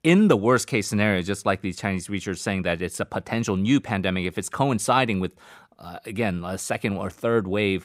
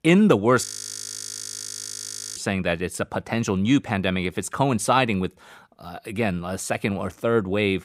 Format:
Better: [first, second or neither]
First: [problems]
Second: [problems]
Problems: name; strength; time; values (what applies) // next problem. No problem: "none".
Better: first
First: none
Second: audio freezing; at 0.5 s for 1.5 s